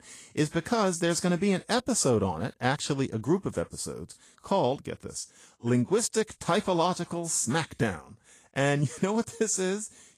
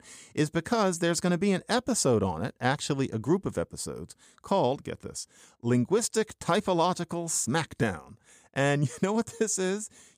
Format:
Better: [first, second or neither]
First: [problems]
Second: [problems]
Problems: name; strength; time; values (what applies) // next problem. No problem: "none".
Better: second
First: garbled, watery; slightly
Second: none